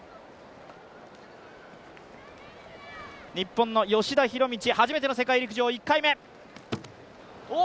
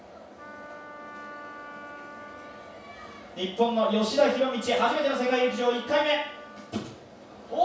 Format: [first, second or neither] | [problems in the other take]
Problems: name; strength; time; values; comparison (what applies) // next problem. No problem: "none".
first | background sound (Wind instrument, woodwind instrument); 16 dB below the speech // room echo; dies away in 0.7 s